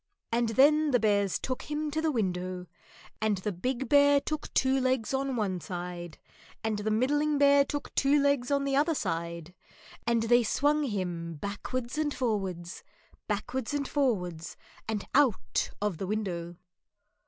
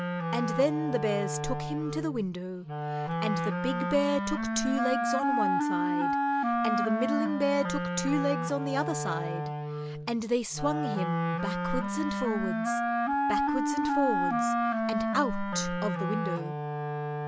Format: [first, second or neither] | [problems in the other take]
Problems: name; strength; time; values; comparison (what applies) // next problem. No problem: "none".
first | background sound (Wind instrument, woodwind instrument); 2 dB above the speech